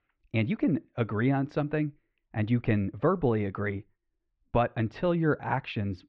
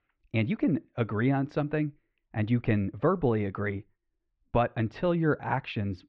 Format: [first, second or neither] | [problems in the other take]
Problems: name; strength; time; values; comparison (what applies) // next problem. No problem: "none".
neither | muffled; very; fading above 3 kHz; the same in both